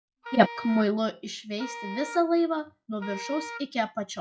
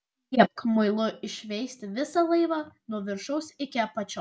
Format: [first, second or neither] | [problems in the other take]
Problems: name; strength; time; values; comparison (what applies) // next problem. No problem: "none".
second | noise reduction (classical method log-MMSE)